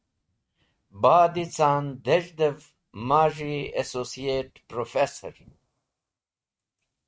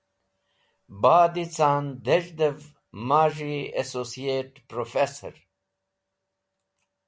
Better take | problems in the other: second | noise reduction (neural mask model RNNoise)

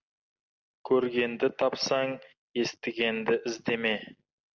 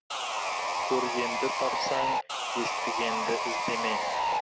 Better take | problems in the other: first | background sound (Sawing); 5 dB above the speech

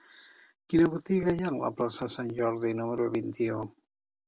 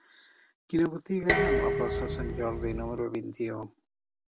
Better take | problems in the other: first | background sound (Dishes, pots, and pans); 2 dB above the speech

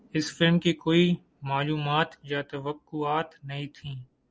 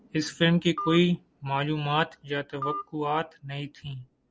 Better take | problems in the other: first | background sound (Telephone); 11 dB below the speech

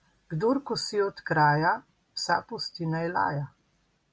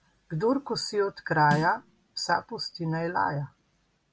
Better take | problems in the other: first | background sound (Snare drum); 10 dB below the speech

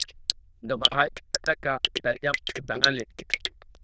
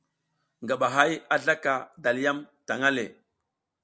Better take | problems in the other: second | noise reduction (neural diffusion model UNIVERSE++)

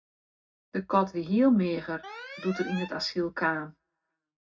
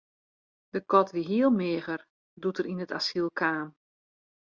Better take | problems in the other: second | background sound (Alarm); 15 dB below the speech // room echo; dies away in 0.4 s

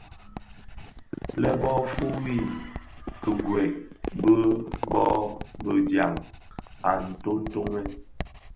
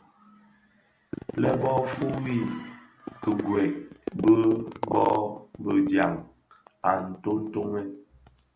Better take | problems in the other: second | background sound (Writing); 12 dB below the speech

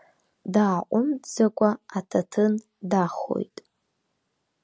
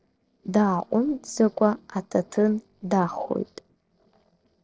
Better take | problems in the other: first | noise reduction (neural separator model SepFormer DNS4)

